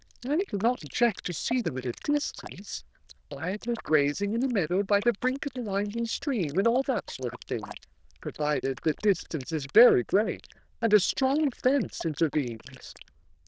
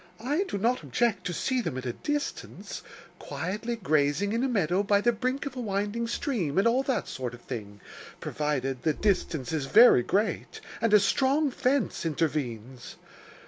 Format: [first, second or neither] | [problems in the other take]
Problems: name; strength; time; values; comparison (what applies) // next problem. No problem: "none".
second | noise reduction (neural diffusion model UNIVERSE++)